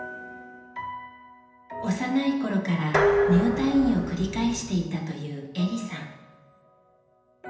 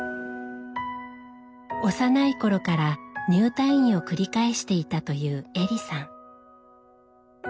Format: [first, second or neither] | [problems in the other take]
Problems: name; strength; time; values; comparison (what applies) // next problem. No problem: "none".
second | background sound (Dishes, pots, and pans); as loud as the speech // room echo; dies away in 0.9 s